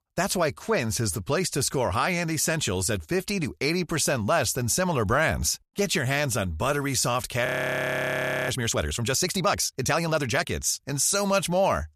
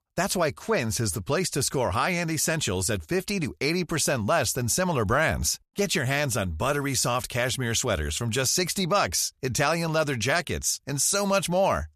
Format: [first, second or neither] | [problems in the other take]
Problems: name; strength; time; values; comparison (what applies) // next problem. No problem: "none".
second | audio freezing; at 7.5 s for 1 s